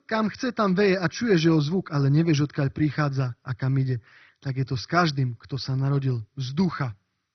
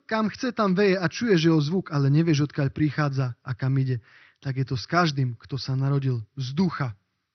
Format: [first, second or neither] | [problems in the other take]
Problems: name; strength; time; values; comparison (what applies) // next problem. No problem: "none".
second | garbled, watery; badly; nothing above 6 kHz; slightly in the second